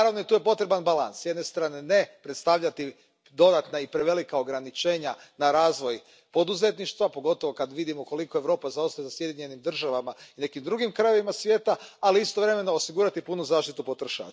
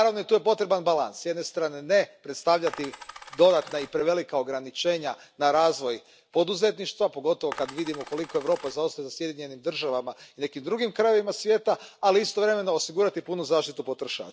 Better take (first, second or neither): first